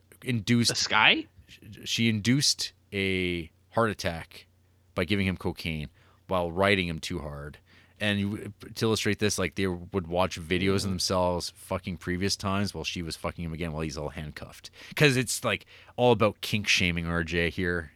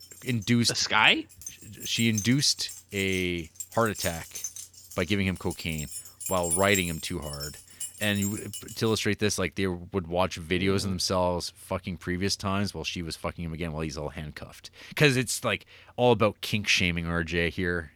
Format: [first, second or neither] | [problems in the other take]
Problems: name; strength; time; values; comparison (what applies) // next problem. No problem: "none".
first | jangling keys; noticeable; from 0.5 to 8.5 s; peak 1 dB below the speech